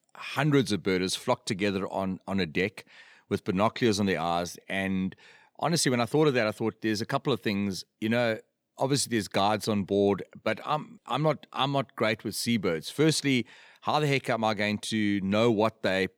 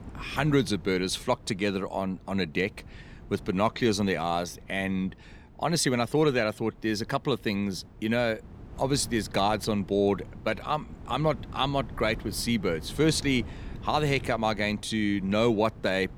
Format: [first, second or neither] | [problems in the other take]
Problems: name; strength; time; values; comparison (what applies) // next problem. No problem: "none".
first | wind noise on the microphone; occasional gusts; 25 dB below the speech